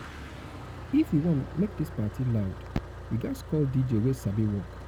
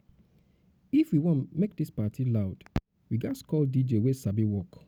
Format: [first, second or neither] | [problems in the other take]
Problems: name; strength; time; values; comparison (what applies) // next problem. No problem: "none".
second | background sound (Motor vehicle (road)); 12 dB below the speech